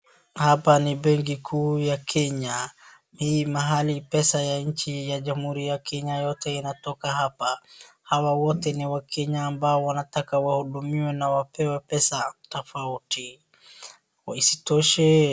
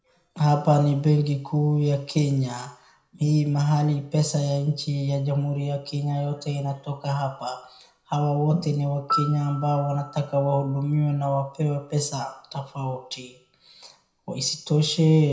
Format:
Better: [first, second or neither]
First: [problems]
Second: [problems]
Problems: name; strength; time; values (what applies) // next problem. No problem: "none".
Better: first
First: none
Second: background sound (Piano); 18 dB below the speech // room echo; dies away in 0.4 s